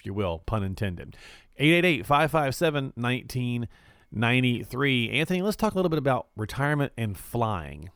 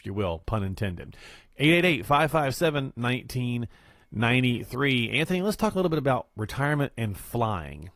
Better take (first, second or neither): first